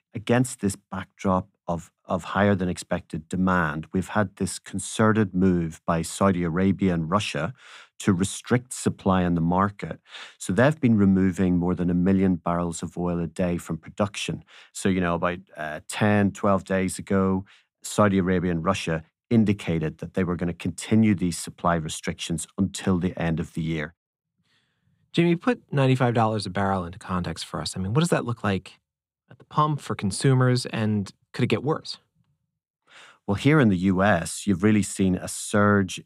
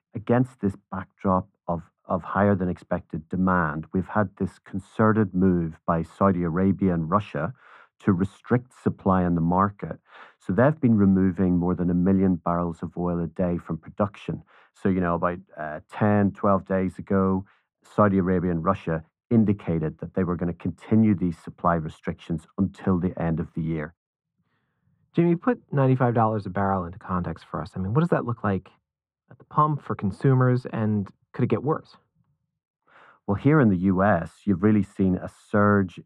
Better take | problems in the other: first | muffled; very; fading above 2.5 kHz

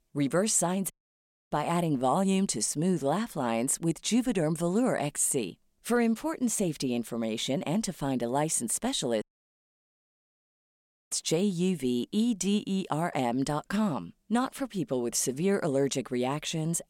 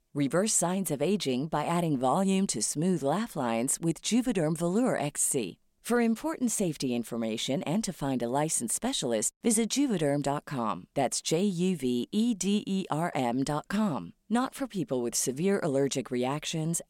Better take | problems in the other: second | audio cutting out; at 1 s for 0.5 s and at 9 s for 2 s

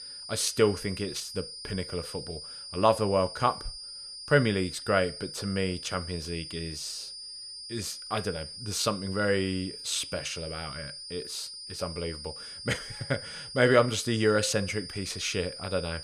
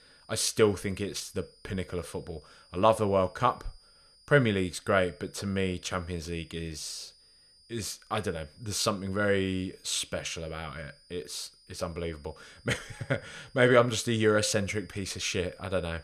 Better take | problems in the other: second | high-pitched whine; loud; throughout; 5 kHz, 10 dB below the speech; faint in the second

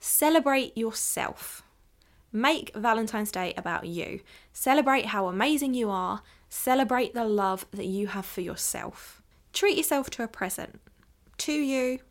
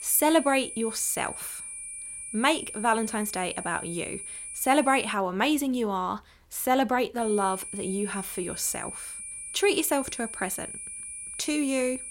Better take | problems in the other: first | high-pitched whine; loud; until 5 s and from 7 s on; 9.5 kHz, 9 dB below the speech

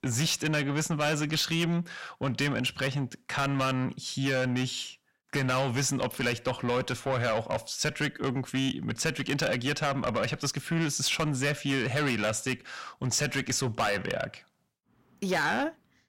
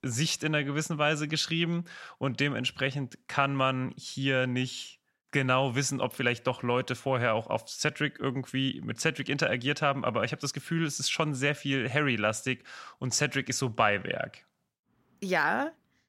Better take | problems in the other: second | distortion; heavy; 7 dB below the speech

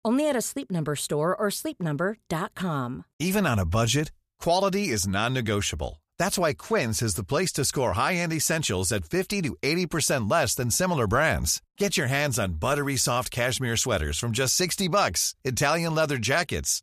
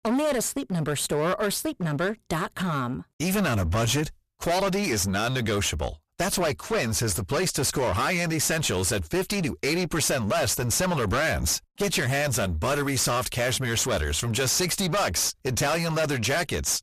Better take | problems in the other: first | distortion; heavy; 23% of the sound clipped

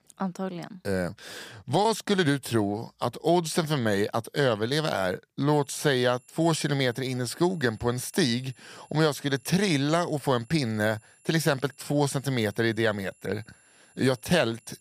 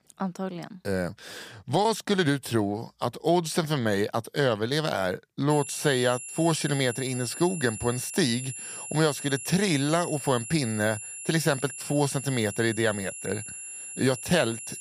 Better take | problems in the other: first | high-pitched whine; loud; from 5.5 s on; 10.5 kHz, 9 dB below the speech; faint in the first

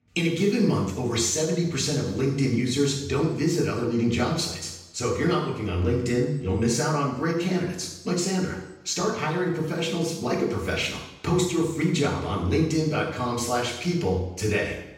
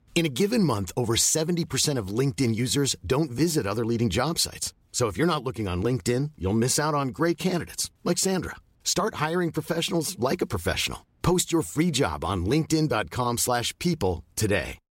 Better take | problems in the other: second | room echo; noticeable; dies away in 0.9 s // off-mic speech; far

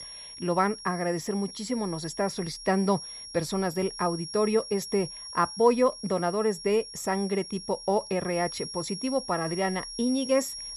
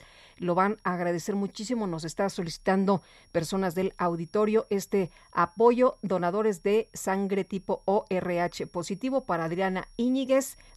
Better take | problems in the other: second | high-pitched whine; loud; throughout; 5.5 kHz, 10 dB below the speech; faint in the second

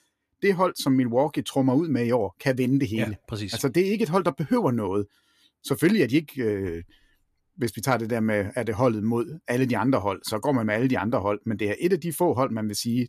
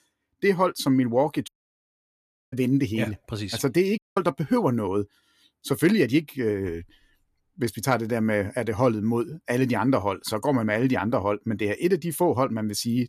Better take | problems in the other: first | audio cutting out; at 1.5 s for 1 s and at 4 s

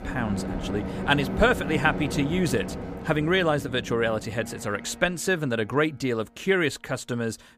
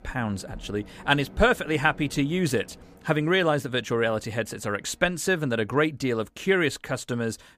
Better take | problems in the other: second | train or aircraft noise; loud; throughout; 8 dB below the speech; faint in the second

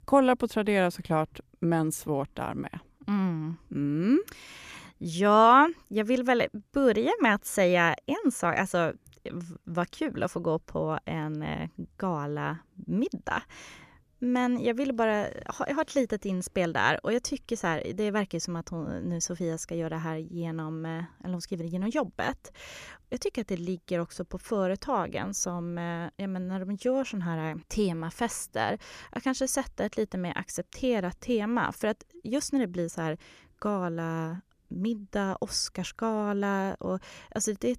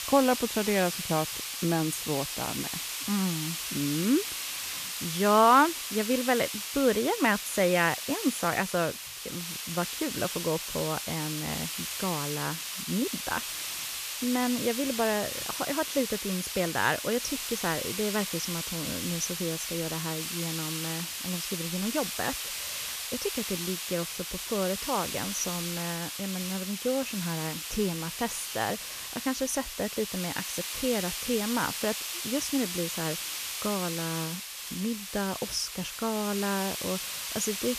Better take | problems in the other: first | hiss; loud; throughout; 3 dB below the speech

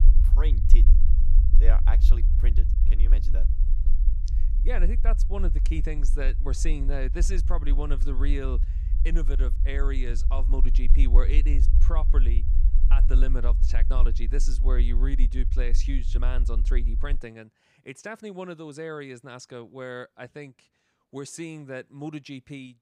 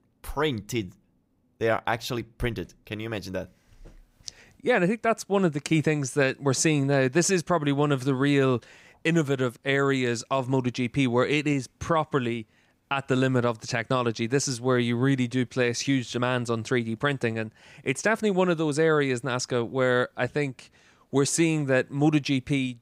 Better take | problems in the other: second | low rumble; loud; until 17 s; 10 dB below the speech

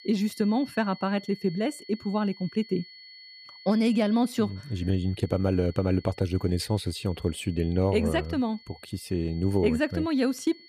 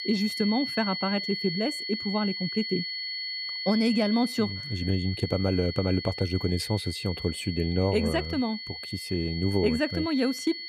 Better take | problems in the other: first | high-pitched whine; loud; throughout; 4.5 kHz, 5 dB below the speech; faint in the first

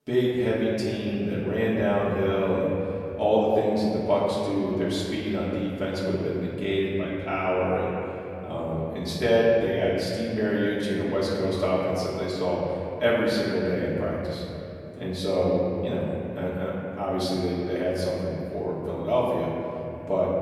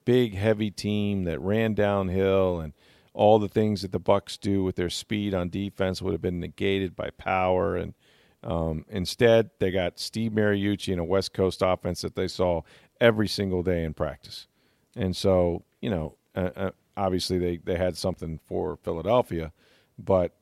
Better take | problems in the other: second | off-mic speech; far // room echo; noticeable; dies away in 3 s

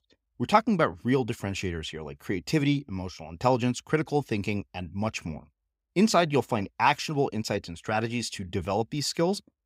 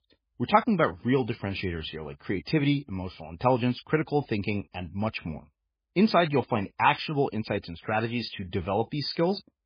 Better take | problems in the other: first | garbled, watery; badly; nothing above 5 kHz

